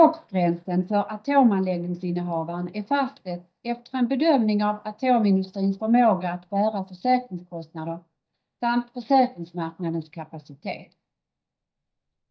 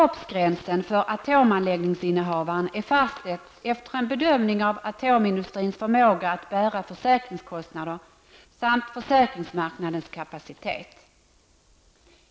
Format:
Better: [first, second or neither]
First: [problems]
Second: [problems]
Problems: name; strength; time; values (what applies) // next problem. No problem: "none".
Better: second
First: noise reduction (neural mask model DeepFilterNet 3)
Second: none